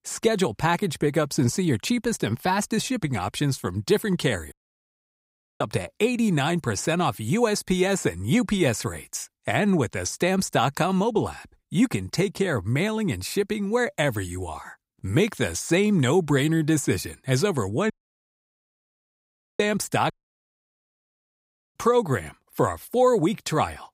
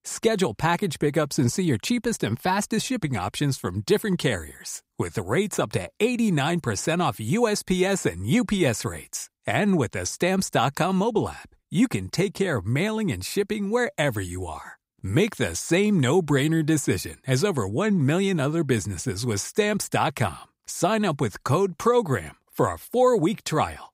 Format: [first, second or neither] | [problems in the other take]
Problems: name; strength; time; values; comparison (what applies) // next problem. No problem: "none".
second | audio cutting out; at 4.5 s for 1 s, at 18 s for 1.5 s and at 20 s for 1.5 s